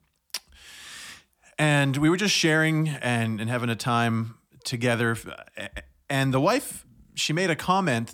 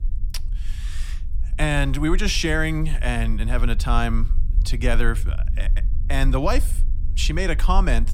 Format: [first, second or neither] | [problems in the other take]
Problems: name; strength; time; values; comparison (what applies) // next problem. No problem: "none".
first | low rumble; faint; throughout; 25 dB below the speech